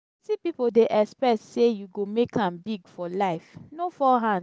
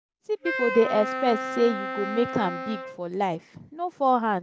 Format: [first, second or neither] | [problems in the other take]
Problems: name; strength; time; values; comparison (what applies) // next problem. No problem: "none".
first | background sound (Wind instrument, woodwind instrument); 6 dB below the speech